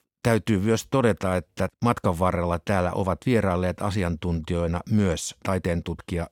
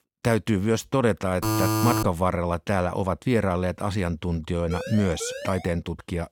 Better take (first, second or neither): first